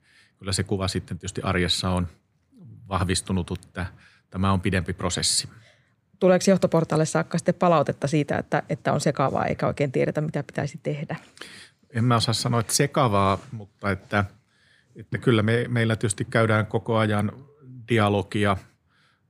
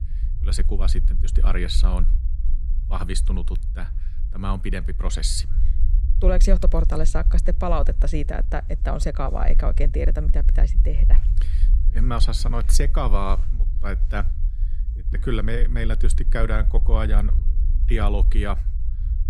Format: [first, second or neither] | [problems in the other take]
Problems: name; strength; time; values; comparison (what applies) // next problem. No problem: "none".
first | low rumble; noticeable; throughout; 15 dB below the speech